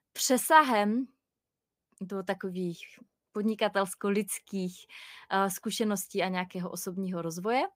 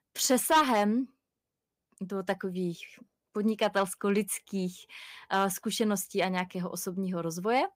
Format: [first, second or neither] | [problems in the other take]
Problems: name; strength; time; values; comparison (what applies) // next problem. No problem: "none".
first | distortion; slight; 1.2% of the sound clipped